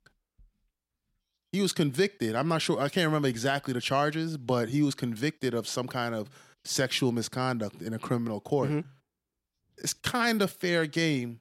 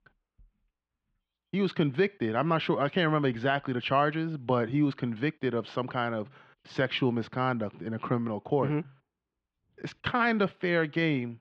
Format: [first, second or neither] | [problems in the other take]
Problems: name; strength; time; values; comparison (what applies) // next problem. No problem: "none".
first | muffled; very; fading above 3 kHz